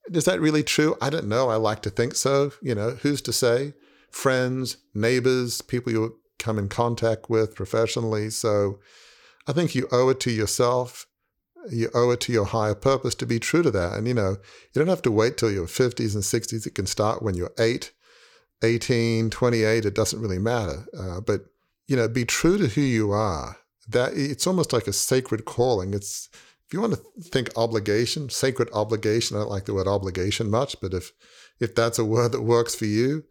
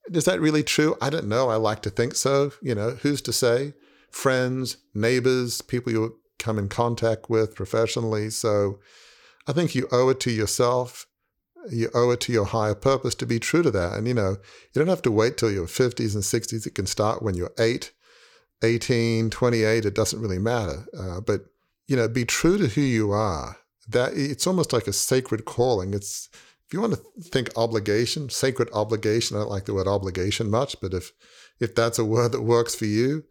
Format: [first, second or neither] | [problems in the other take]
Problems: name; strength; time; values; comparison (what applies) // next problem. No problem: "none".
neither | none